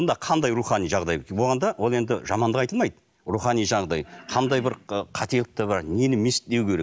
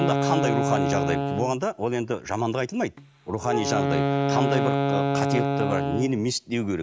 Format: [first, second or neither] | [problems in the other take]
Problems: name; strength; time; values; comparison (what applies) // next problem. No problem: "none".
first | background sound (Wind instrument, woodwind instrument); 1 dB above the speech